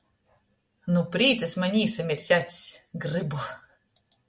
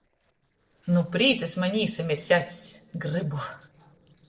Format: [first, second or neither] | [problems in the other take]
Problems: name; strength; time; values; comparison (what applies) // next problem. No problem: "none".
first | noise reduction (neural separator model SepFormer DNS4)